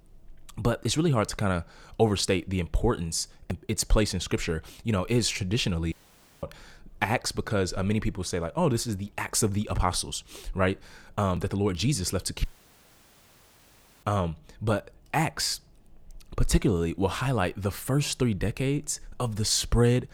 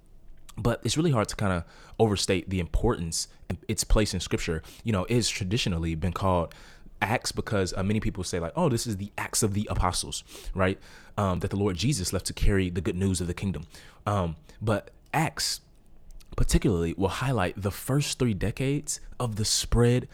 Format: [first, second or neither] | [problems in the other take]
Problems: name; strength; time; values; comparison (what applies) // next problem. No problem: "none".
second | audio cutting out; at 6 s for 0.5 s and at 12 s for 1.5 s